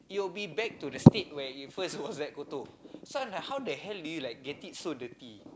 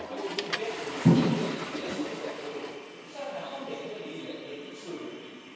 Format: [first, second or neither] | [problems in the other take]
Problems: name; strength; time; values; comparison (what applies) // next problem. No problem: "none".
first | background sound (Toilet flush / Water); 8 dB below the speech // room echo; dies away in 1.2 s